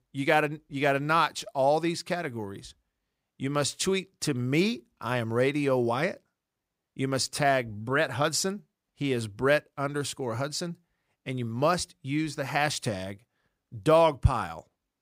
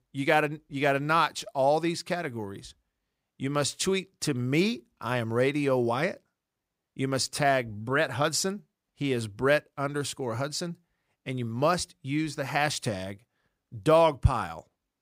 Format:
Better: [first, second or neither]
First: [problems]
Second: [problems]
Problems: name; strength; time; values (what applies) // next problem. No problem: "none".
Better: neither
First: none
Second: none